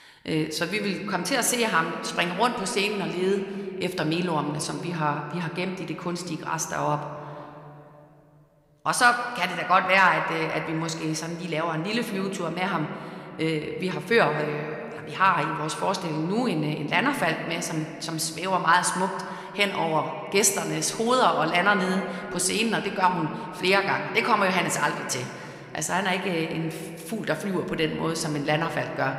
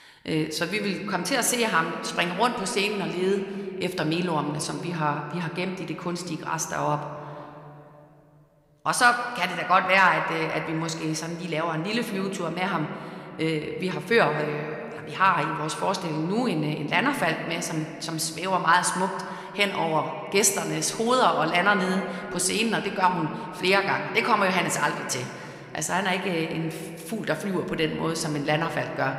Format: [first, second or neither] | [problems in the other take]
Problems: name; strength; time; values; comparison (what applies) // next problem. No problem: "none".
neither | room echo; slight; dies away in 2.5 s; the same in both